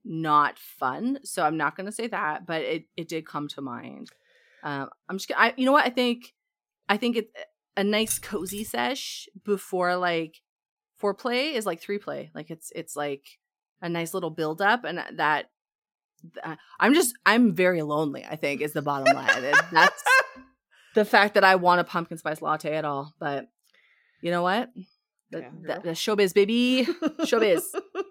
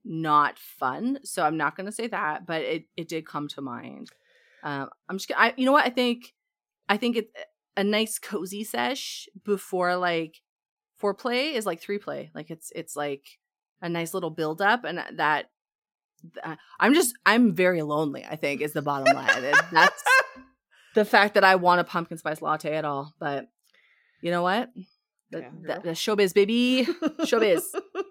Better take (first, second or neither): second